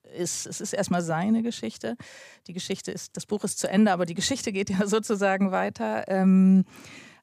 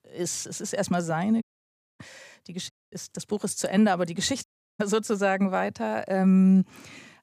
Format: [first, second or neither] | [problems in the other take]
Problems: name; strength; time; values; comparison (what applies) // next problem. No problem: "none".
first | audio cutting out; at 1.5 s for 0.5 s, at 2.5 s and at 4.5 s